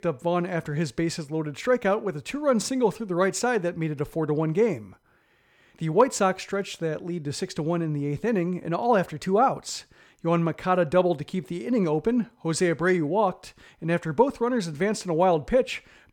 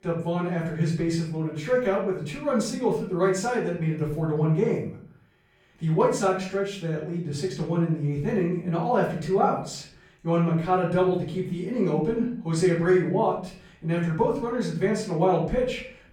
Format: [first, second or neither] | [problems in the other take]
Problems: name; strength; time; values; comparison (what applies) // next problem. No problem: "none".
first | off-mic speech; far // room echo; noticeable; dies away in 0.5 s